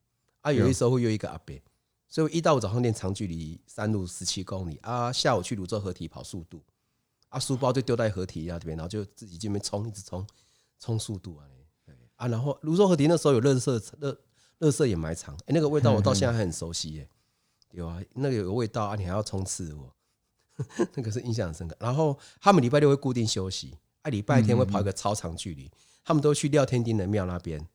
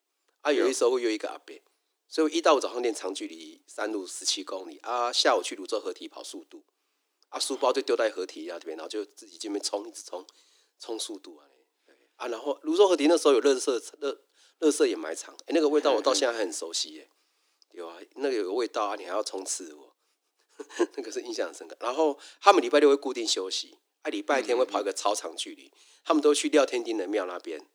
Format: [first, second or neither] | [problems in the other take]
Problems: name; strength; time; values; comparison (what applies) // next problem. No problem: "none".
first | thin; somewhat; fading below 300 Hz